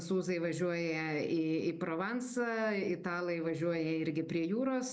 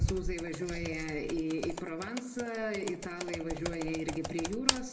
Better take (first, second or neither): first